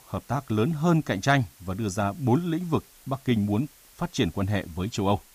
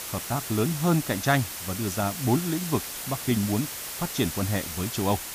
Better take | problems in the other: first | hiss; loud; throughout; 5 dB below the speech; faint in the first

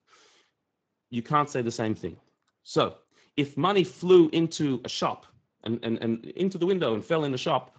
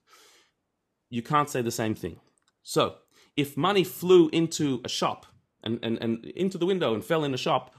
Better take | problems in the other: second | garbled, watery; slightly; nothing above 7.5 kHz

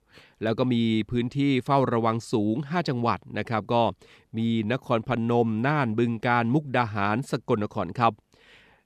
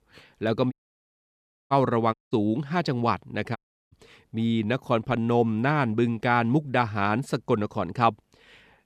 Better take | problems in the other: first | audio cutting out; at 0.5 s for 1 s, at 2 s and at 3.5 s

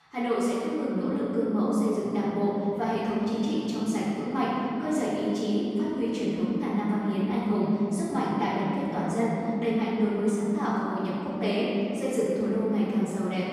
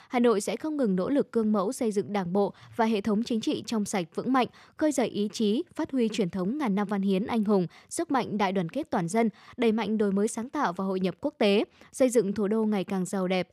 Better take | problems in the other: second | off-mic speech; far // room echo; strong; dies away in 3 s

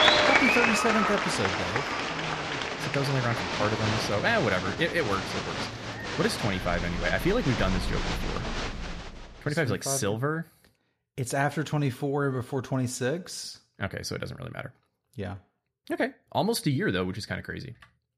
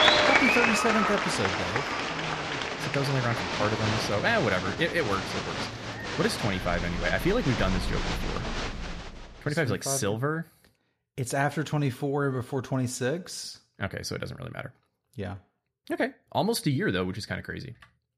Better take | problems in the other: neither | crowd noise; very loud; until 9 s; 1 dB above the speech; the same in both

